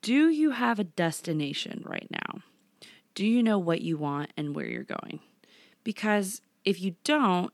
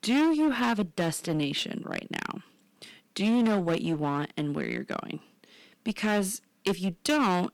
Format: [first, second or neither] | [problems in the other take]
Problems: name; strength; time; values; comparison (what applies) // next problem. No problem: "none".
first | distortion; slight; 11% of the sound clipped